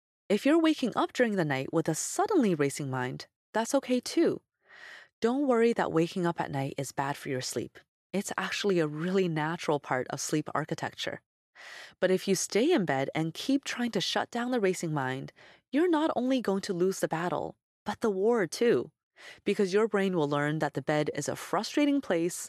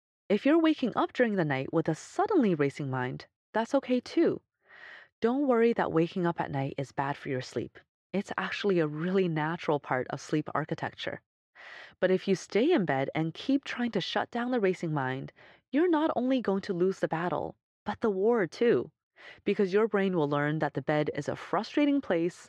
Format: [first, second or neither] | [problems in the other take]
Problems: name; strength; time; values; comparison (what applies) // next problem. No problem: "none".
first | muffled; slightly; fading above 3.5 kHz